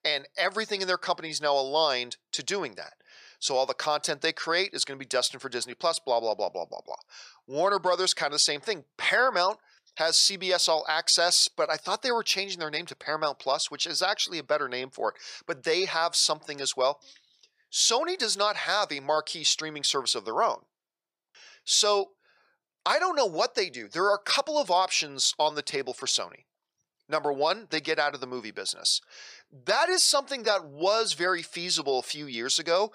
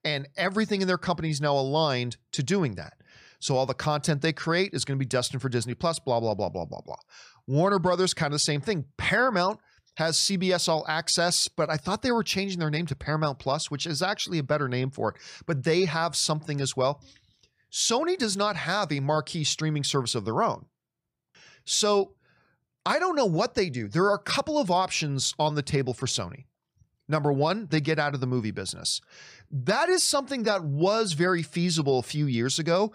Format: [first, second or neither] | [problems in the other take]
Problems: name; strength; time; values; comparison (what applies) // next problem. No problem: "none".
second | thin; very; fading below 550 Hz